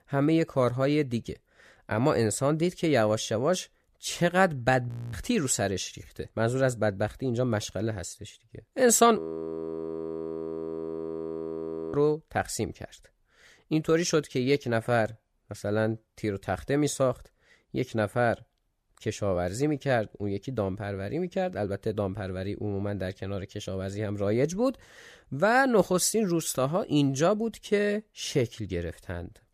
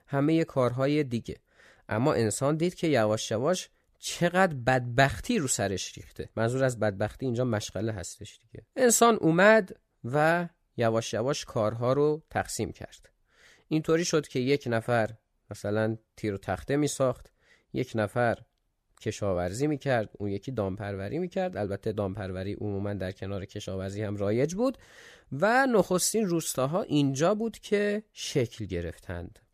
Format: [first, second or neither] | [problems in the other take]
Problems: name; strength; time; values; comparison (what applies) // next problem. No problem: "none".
second | audio freezing; at 5 s and at 9 s for 3 s